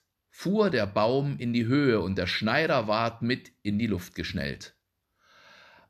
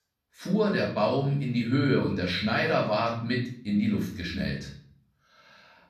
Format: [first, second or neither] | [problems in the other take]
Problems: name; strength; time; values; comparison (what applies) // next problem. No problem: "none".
first | off-mic speech; far // room echo; slight; dies away in 0.5 s